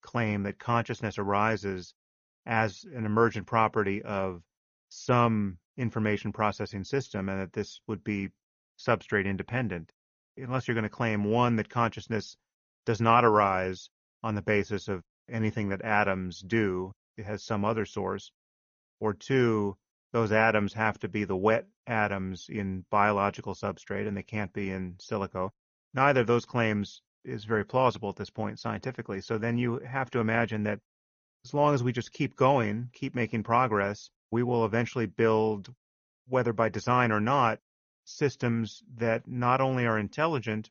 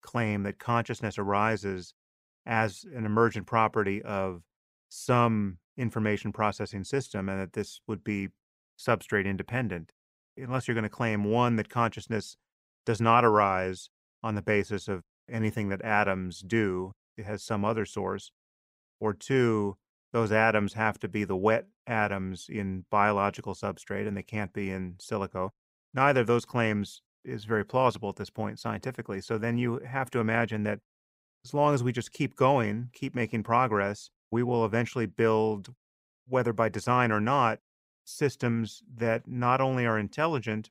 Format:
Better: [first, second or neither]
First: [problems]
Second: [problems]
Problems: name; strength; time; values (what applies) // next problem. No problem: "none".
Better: second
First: garbled, watery; slightly; nothing above 6.5 kHz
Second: none